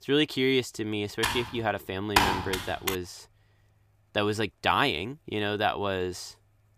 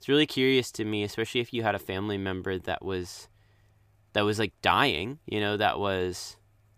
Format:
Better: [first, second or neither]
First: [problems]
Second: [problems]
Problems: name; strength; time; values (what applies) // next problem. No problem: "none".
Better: second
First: keyboard typing; loud; from 1 to 3 s; peak 5 dB above the speech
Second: none